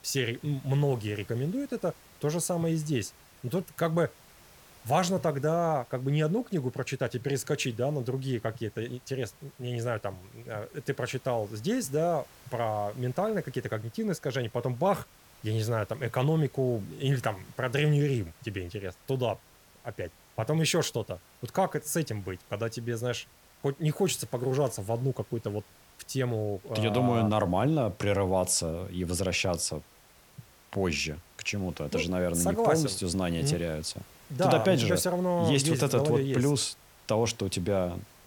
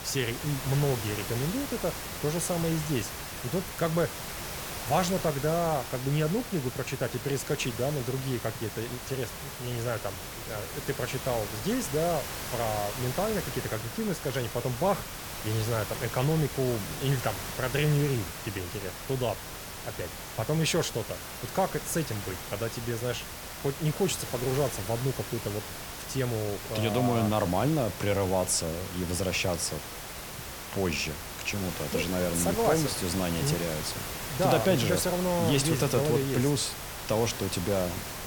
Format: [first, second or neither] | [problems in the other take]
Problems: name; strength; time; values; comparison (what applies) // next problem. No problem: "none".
first | hiss; loud; throughout; 7 dB below the speech; faint in the first